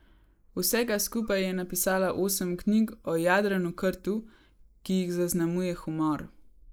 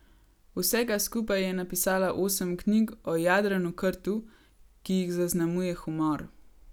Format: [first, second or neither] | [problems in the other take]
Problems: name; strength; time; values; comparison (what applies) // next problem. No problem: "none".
second | noise reduction (neural mask model Resemble Enhance denoiser)